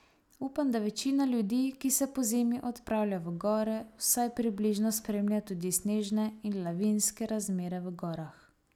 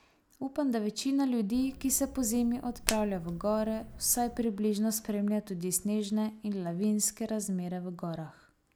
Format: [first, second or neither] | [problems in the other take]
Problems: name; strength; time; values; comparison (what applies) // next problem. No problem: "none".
first | background sound (Hands); 10 dB below the speech